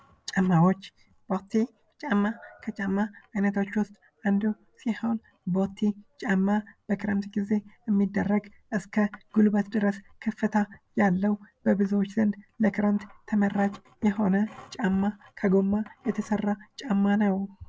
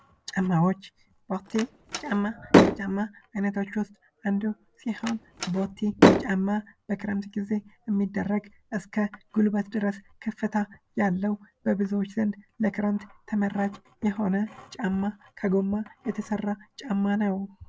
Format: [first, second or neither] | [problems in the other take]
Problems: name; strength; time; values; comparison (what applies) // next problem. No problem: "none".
first | background sound (Slam); 3 dB above the speech